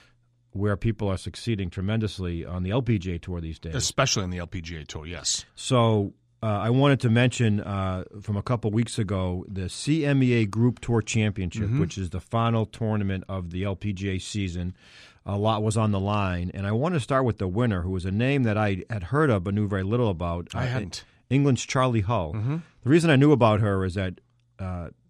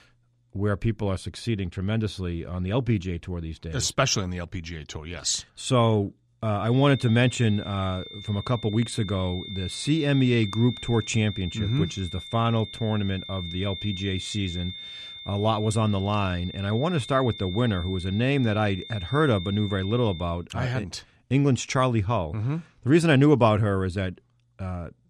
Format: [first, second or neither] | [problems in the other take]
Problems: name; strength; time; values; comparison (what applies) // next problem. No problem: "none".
first | high-pitched whine; noticeable; from 6.5 to 20 s; 3.5 kHz, 10 dB below the speech